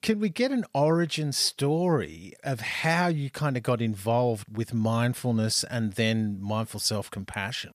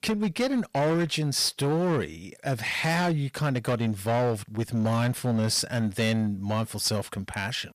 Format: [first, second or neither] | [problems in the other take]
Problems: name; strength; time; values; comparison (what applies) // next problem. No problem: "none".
first | distortion; slight; 13% of the sound clipped